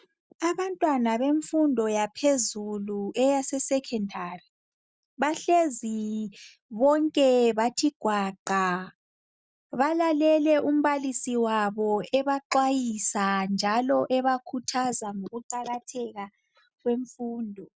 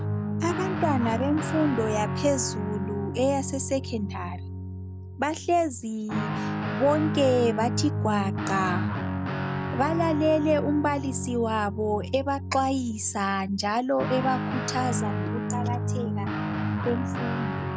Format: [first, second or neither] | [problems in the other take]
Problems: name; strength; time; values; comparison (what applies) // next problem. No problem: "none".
first | background sound (Guitar); 3 dB below the speech